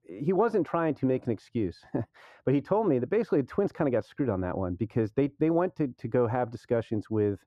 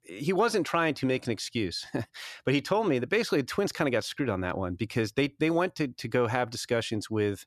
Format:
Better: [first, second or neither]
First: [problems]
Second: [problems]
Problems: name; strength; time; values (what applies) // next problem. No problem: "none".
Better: second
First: muffled; very; fading above 2 kHz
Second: none